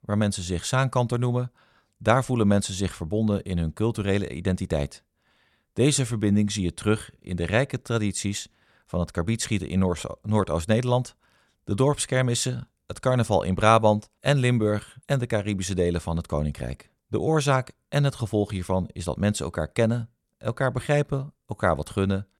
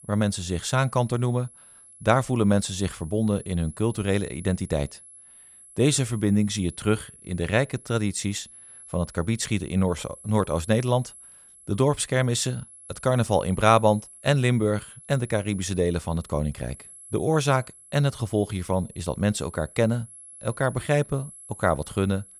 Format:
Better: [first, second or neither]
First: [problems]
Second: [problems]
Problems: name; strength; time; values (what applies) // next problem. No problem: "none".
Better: first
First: none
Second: high-pitched whine; noticeable; throughout; 11 kHz, 20 dB below the speech